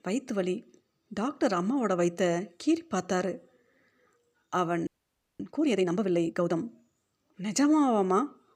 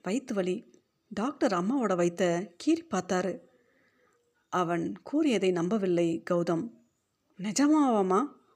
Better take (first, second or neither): second